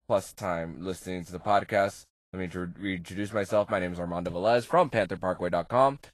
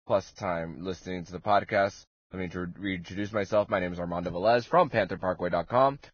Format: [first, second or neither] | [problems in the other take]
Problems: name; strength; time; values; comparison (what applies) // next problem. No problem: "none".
first | garbled, watery; badly; nothing above 6.5 kHz; slightly in the first